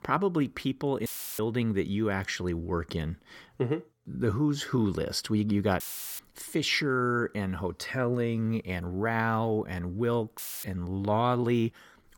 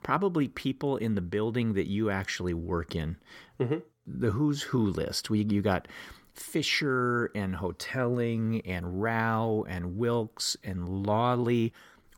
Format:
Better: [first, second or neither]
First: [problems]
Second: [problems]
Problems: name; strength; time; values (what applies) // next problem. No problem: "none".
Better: second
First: audio cutting out; filled with static; at 1 s, at 6 s and at 10 s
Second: none